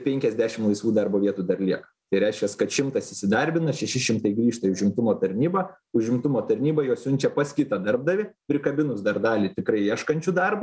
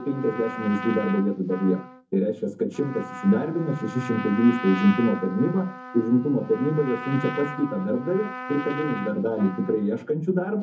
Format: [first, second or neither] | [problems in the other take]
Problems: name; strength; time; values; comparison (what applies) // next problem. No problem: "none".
first | background sound (Trumpet); 12 dB below the speech // room echo; dies away in 0.3 s